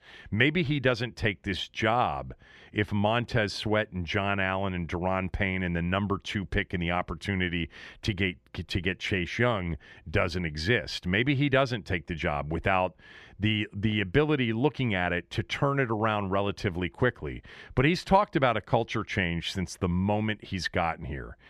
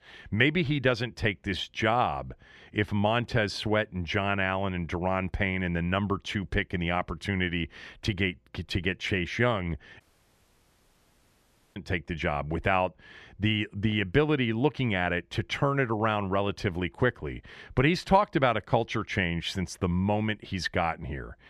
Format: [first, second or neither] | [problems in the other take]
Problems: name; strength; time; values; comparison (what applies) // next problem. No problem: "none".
first | audio cutting out; at 10 s for 2 s